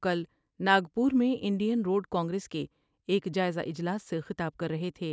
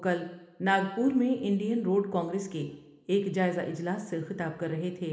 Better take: first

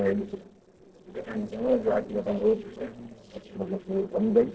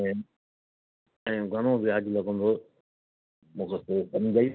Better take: second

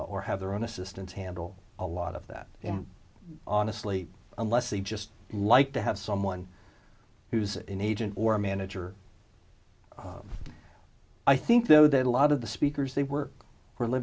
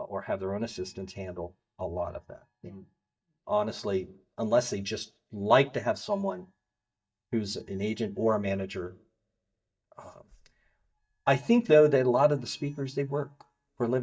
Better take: first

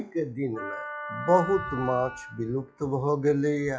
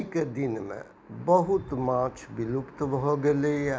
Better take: second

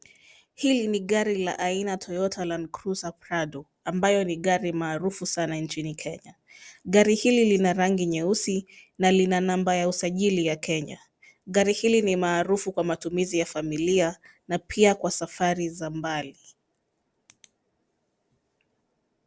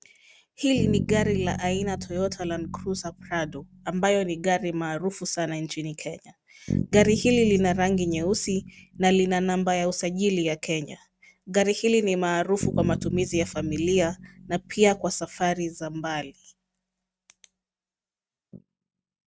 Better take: first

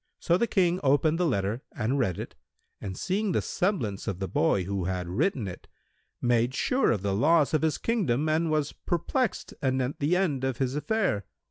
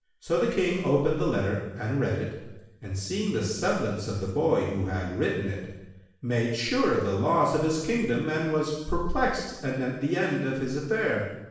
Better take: first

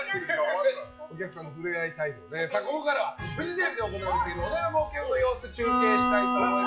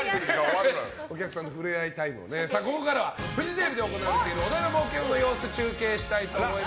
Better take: second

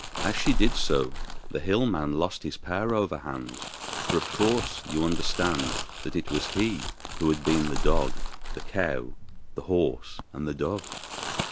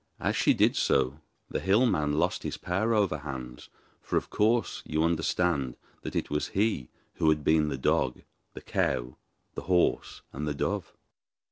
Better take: second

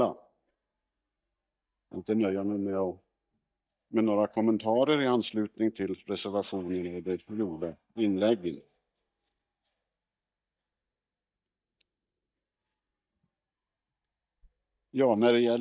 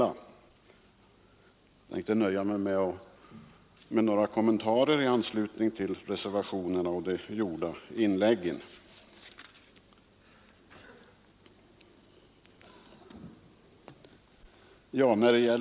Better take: second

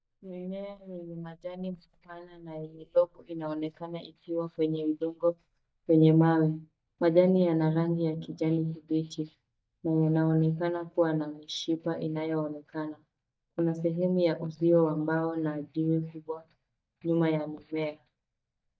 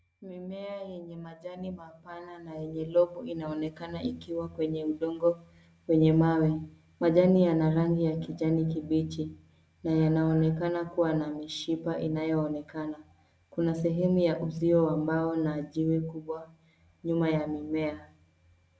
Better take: second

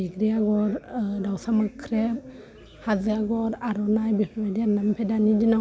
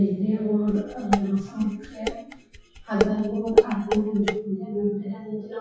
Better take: first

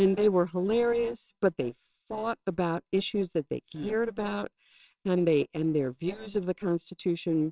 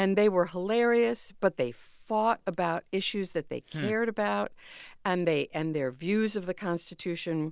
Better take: second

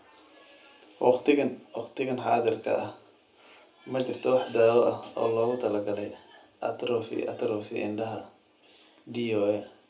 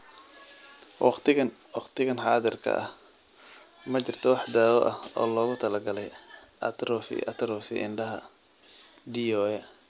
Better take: second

